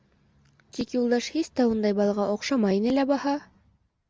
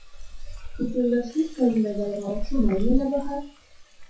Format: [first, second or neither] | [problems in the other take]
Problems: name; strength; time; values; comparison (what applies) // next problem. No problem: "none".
first | noise reduction (classical method WPE with log-MMSE)